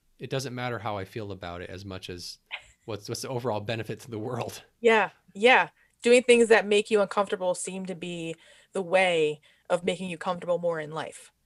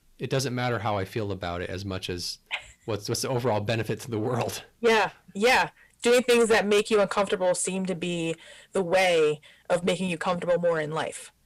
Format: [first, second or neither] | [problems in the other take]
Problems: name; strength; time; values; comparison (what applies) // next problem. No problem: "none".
first | distortion; heavy; 7 dB below the speech